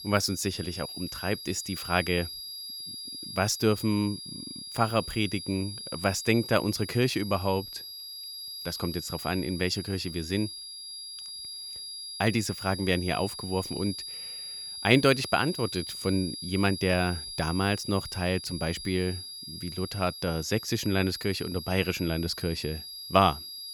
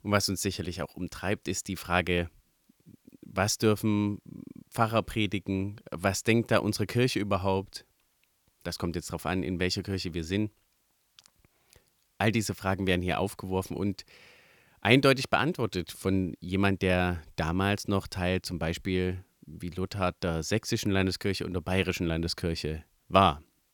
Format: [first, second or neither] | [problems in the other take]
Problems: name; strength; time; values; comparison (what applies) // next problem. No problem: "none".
second | high-pitched whine; loud; throughout; 5 kHz, 9 dB below the speech